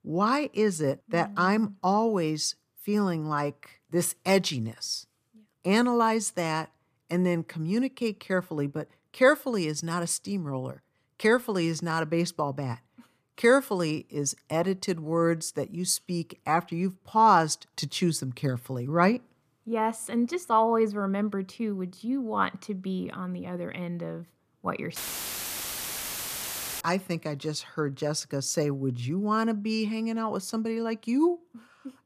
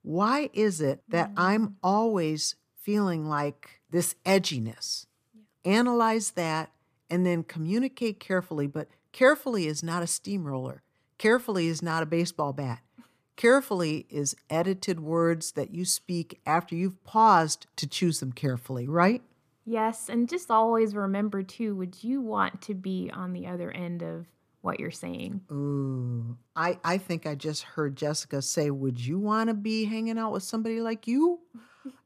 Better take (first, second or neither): second